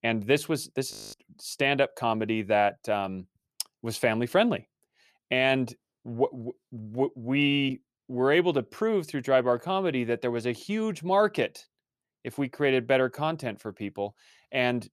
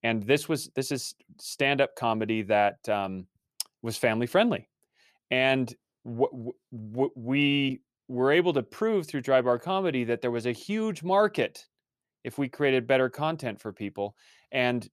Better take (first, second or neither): second